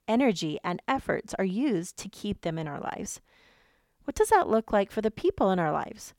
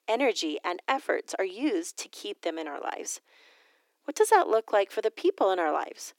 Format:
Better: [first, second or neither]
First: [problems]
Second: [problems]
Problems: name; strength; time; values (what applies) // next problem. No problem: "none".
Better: first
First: none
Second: thin; somewhat; fading below 300 Hz